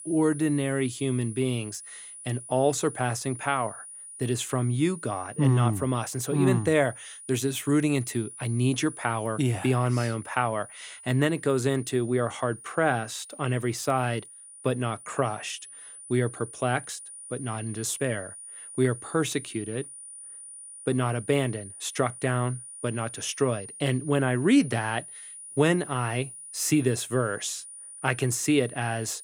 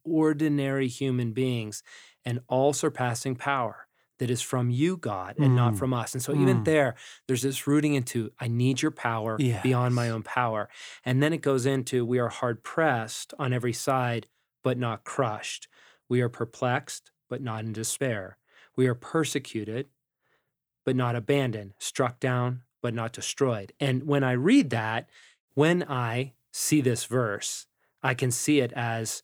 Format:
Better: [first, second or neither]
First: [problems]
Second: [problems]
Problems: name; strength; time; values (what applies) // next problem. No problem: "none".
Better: second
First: high-pitched whine; noticeable; throughout; 9.5 kHz, 15 dB below the speech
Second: none